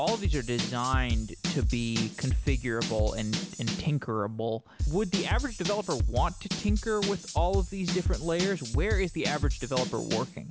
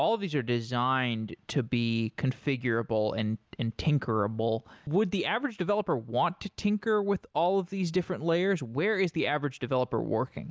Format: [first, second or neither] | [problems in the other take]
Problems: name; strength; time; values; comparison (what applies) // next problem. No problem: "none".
second | background sound (Drum / Drum kit); as loud as the speech